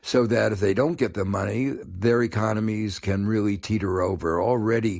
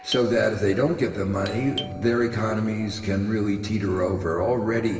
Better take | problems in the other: first | background sound (Doorbell); 17 dB below the speech // room echo; dies away in 1.9 s

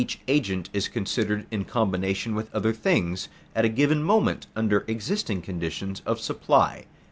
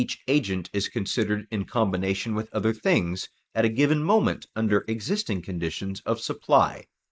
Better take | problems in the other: first | noise reduction (neural mask model Resemble Enhance denoiser)

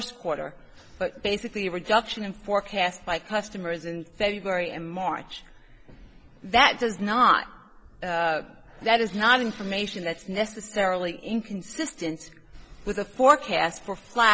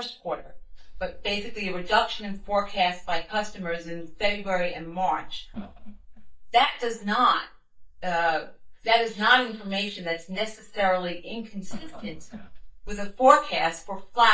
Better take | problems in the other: first | noise reduction (neural mask model DeepFilterNet 3)

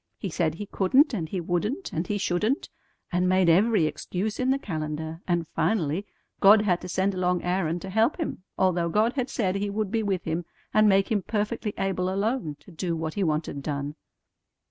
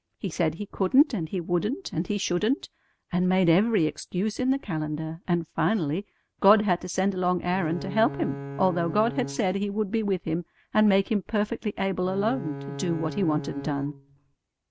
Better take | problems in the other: first | background sound (Bowed string instrument); 10 dB below the speech

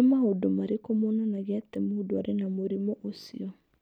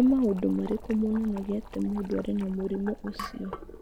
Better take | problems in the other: first | background sound (Boiling); 14 dB below the speech

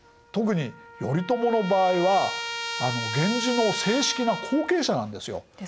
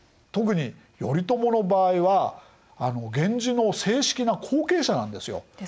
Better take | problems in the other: second | background sound (Trumpet); 9 dB below the speech

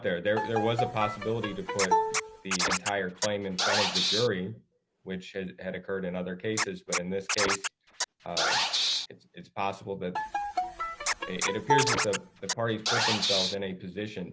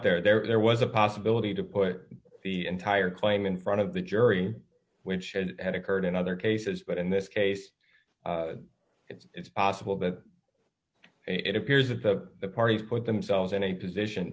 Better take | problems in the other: second | background sound (Bowed string instrument + Scratching (performance technique)); 3 dB above the speech

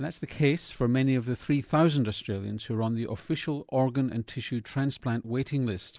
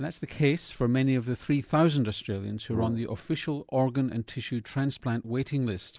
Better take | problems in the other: first | background sound (Brass instrument); 12 dB below the speech

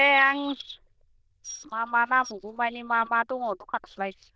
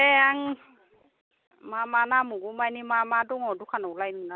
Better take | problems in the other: second | noise reduction (neural diffusion model UNIVERSE++)

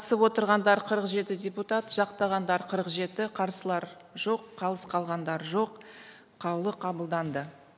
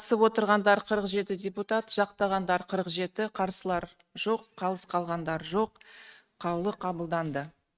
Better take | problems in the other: first | noise reduction (neural mask model RNNoise)

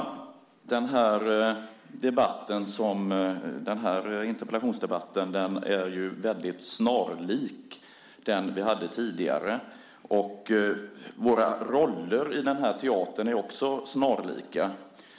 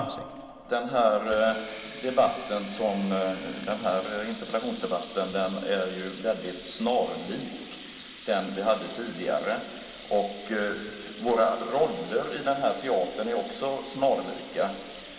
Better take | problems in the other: first | background sound (Water tap, faucet); 17 dB below the speech // room echo; dies away in 2.3 s

